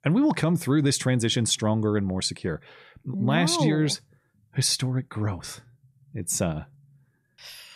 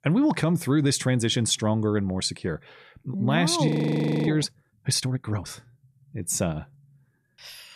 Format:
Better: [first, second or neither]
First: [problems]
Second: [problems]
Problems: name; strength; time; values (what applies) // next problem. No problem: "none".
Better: first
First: none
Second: audio freezing; at 3.5 s for 0.5 s